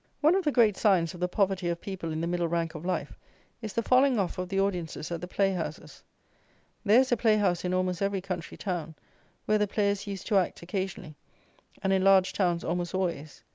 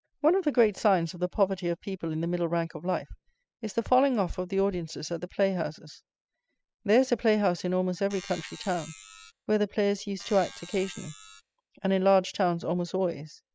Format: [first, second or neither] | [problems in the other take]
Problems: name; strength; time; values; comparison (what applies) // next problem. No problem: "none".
first | noise reduction (classical method spectral subtraction)